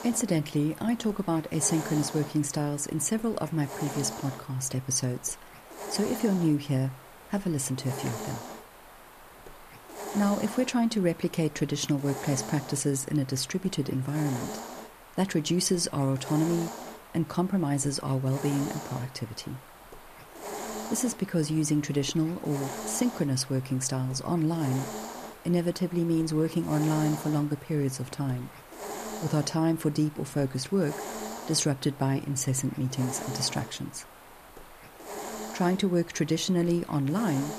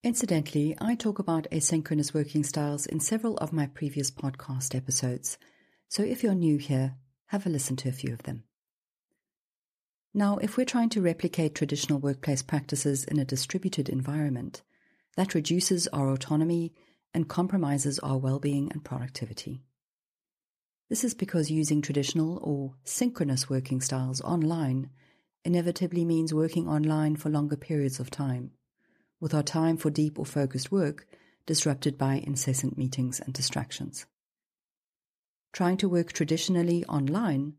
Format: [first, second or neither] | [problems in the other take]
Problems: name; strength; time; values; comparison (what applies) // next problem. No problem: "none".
second | hiss; noticeable; throughout; 15 dB below the speech